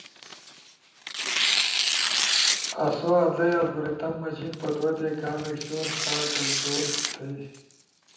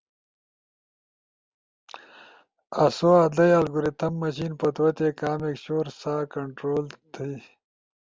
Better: second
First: background sound (Tearing); as loud as the speech // room echo; dies away in 0.8 s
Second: none

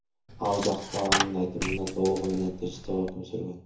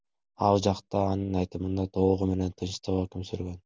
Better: second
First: background sound (Coin (dropping)); 4 dB below the speech // room echo; dies away in 0.6 s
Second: none

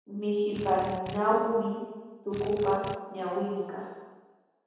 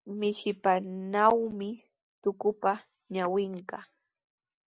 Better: second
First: background sound (Drill); 12 dB below the speech // room echo; dies away in 1.2 s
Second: none

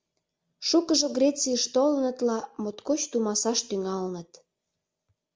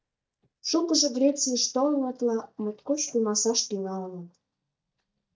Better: first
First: none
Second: noise reduction (neural mask model DeepFilterNet 3)

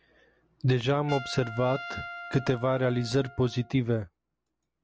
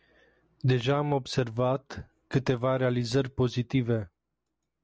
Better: second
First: background sound (Trumpet); 15 dB below the speech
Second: none

